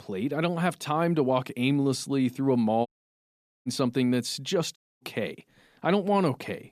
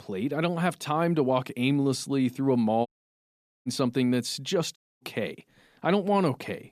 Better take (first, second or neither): neither